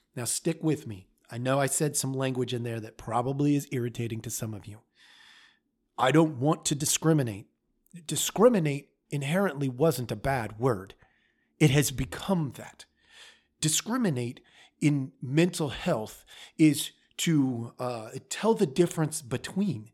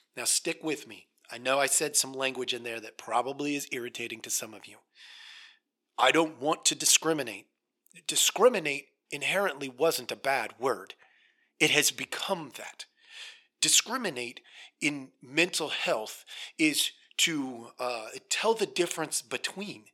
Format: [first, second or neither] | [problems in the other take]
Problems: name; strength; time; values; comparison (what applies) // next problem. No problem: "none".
first | thin; somewhat; fading below 450 Hz